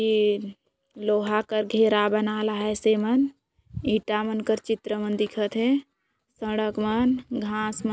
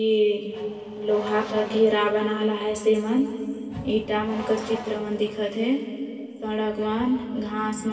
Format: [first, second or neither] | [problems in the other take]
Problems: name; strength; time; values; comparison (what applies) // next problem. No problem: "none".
first | background sound (Race car, auto racing / Accelerating, revving, vroom); 15 dB below the speech // room echo; dies away in 2.6 s